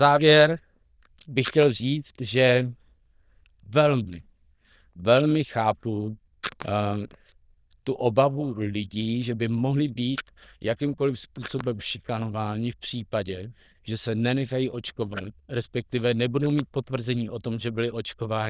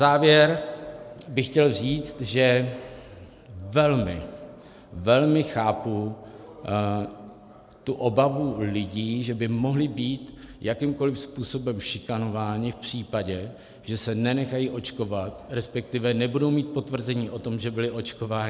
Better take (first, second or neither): second